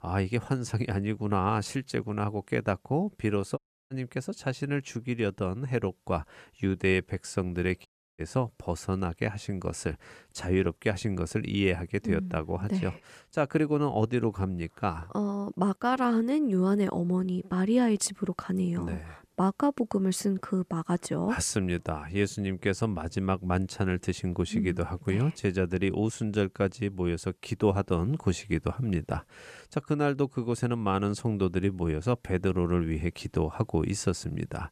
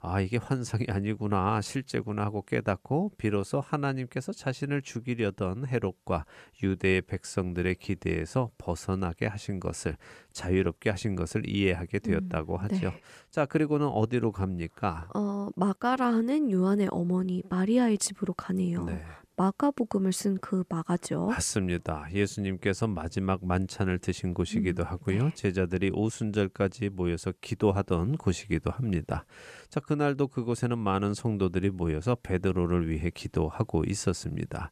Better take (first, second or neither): second